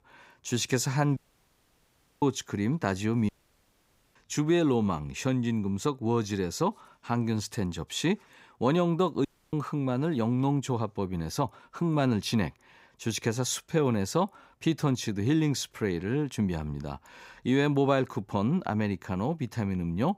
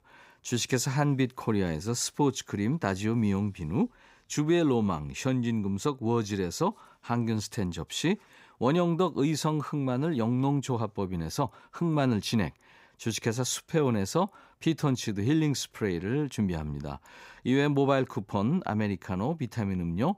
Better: second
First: audio cutting out; at 1 s for 1 s, at 3.5 s for 1 s and at 9.5 s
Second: none

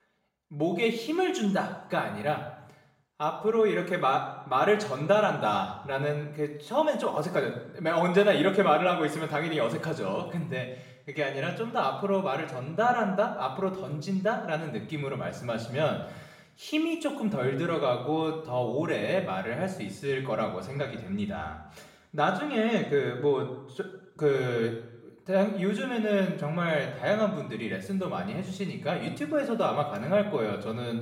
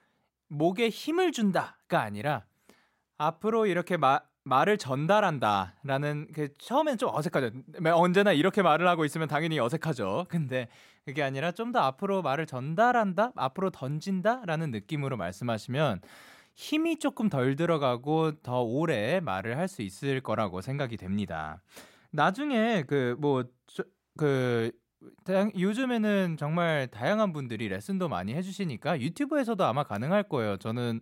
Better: second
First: room echo; slight; dies away in 0.7 s // off-mic speech; far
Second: none

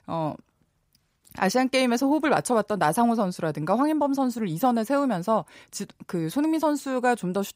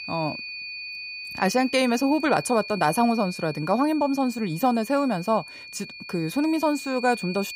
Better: first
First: none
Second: high-pitched whine; noticeable; throughout; 2.5 kHz, 10 dB below the speech

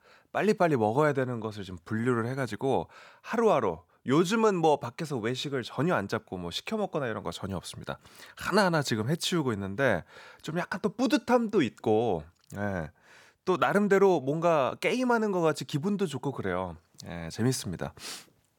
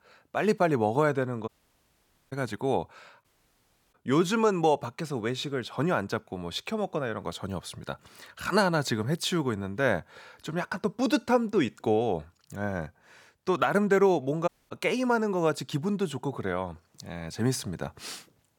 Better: first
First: none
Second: audio cutting out; at 1.5 s for 1 s, at 3 s for 0.5 s and at 14 s

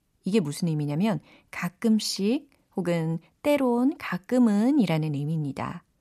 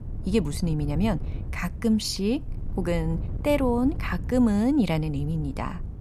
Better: first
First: none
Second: wind noise on the microphone; occasional gusts; 20 dB below the speech

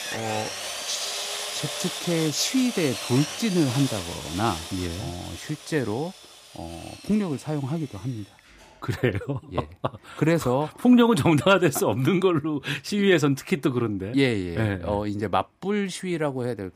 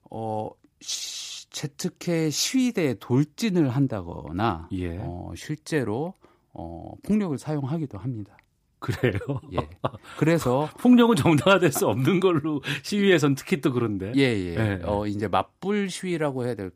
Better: second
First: machinery noise; loud; throughout; 8 dB below the speech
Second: none

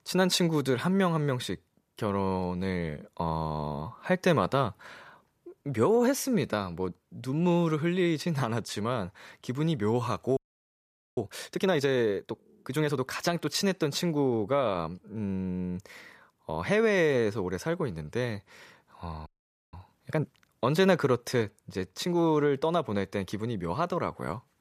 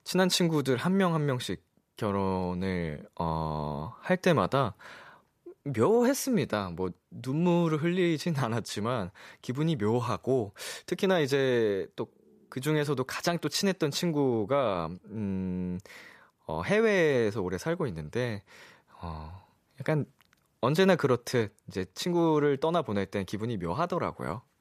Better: second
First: audio freezing; at 10 s for 1 s and at 19 s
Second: none

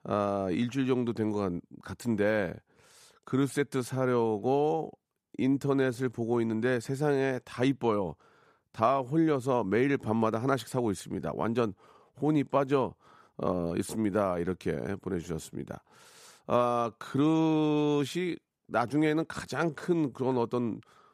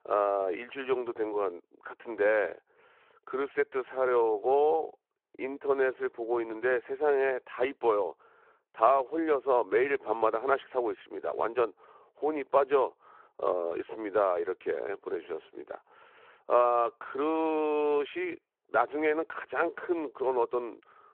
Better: first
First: none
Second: phone-call audio

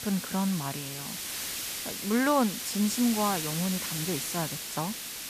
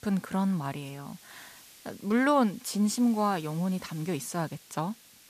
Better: second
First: hiss; loud; throughout; 3 dB below the speech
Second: hiss; faint; throughout; 20 dB below the speech

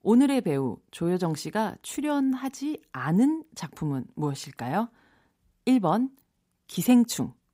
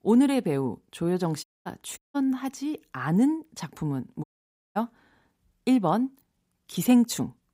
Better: first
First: none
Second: audio cutting out; at 1.5 s, at 2 s and at 4 s for 0.5 s

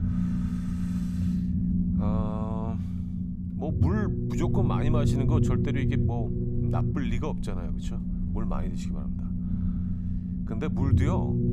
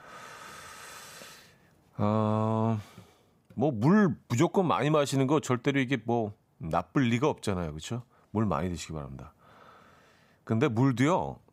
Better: second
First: low rumble; loud; throughout; as loud as the speech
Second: none

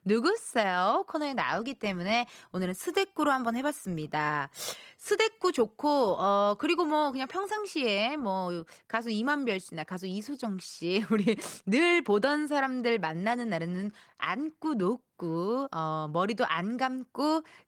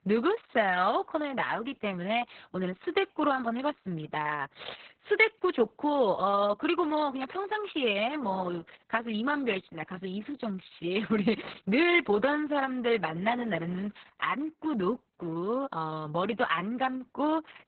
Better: first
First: garbled, watery; slightly; nothing above 18 kHz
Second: garbled, watery; badly; nothing above 4 kHz

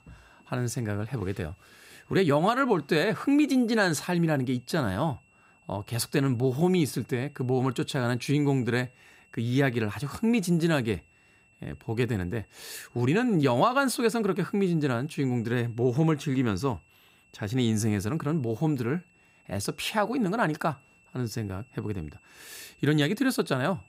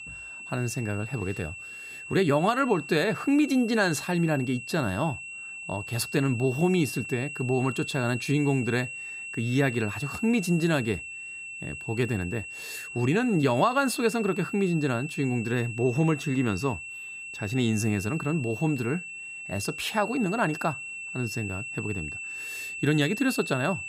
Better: first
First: high-pitched whine; faint; throughout; 2.5 kHz, 35 dB below the speech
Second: high-pitched whine; loud; throughout; 2.5 kHz, 9 dB below the speech

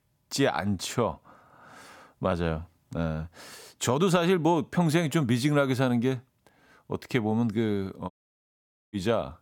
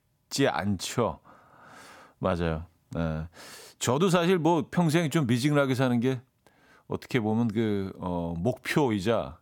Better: second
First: audio cutting out; at 8 s for 1 s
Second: none

